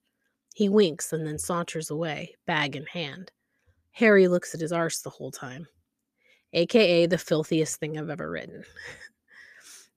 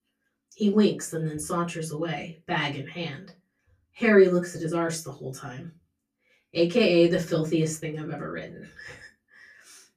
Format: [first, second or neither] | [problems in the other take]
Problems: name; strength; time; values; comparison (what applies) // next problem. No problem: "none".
first | off-mic speech; far // room echo; very slight; dies away in 0.2 s